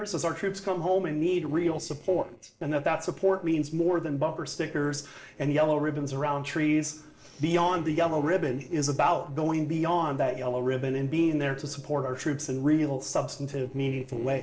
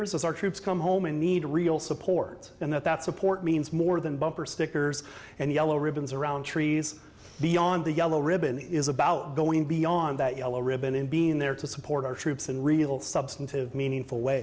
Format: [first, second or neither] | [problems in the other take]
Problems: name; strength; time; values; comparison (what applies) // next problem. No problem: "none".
second | noise reduction (neural separator model SepFormer DNS4)